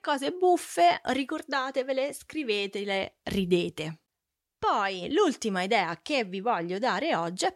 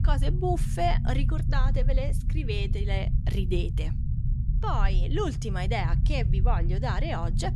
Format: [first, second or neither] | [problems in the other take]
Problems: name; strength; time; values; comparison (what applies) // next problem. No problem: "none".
first | low rumble; noticeable; throughout; 10 dB below the speech